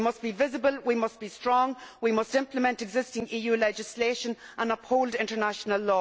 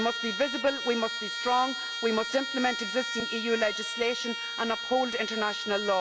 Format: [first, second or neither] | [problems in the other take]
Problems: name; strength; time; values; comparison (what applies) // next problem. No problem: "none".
first | background sound (Trumpet); 5 dB below the speech